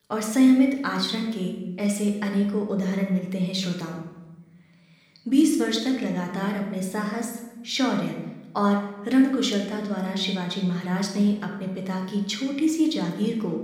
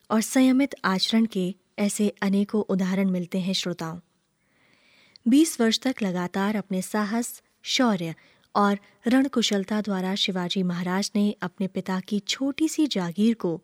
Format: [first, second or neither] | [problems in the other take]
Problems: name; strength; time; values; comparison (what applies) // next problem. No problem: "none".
second | room echo; noticeable; dies away in 0.9 s // off-mic speech; somewhat distant